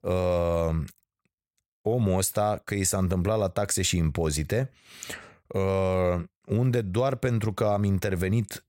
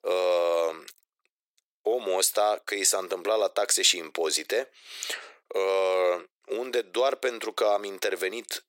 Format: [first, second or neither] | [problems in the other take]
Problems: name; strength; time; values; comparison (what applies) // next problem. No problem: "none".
first | thin; very; fading below 350 Hz